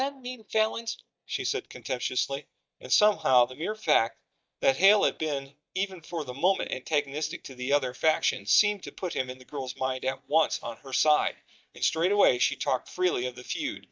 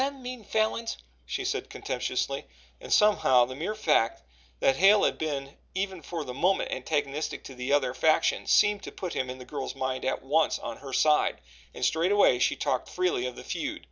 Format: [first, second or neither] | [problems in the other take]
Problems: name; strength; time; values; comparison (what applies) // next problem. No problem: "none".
second | noise reduction (neural mask model DeepFilterNet 3)